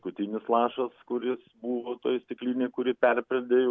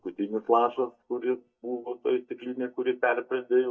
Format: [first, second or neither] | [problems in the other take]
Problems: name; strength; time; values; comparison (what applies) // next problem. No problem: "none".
first | noise reduction (neural mask model DeepFilterNet 3)